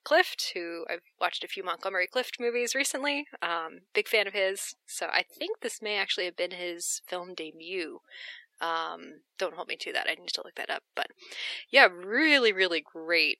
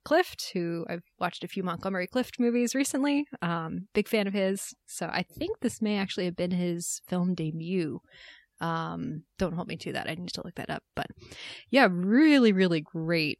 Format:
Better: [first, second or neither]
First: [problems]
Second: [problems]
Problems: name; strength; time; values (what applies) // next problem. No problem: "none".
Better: second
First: thin; very; fading below 400 Hz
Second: none